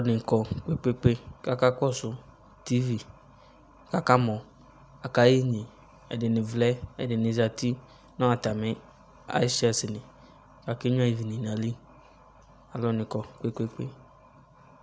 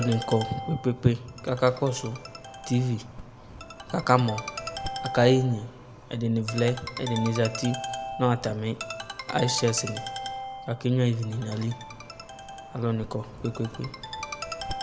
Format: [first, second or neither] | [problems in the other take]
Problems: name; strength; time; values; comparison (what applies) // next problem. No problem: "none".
first | background sound (Ringtone); 10 dB below the speech // room echo; dies away in 1 s